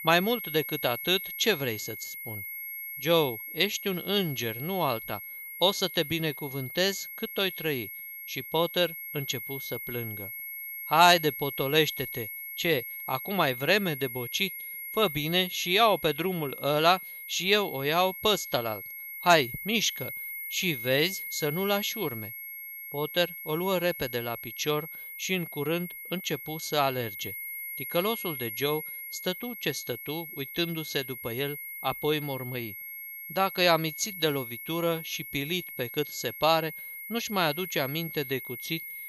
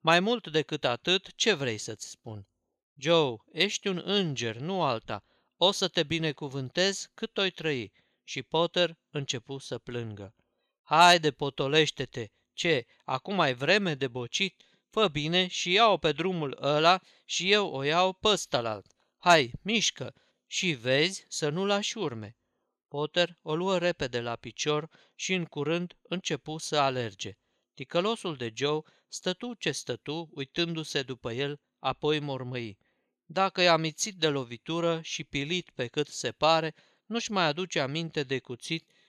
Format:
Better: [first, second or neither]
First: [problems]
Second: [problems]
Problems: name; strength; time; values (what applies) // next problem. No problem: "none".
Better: second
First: high-pitched whine; loud; throughout; 2 kHz, 8 dB below the speech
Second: none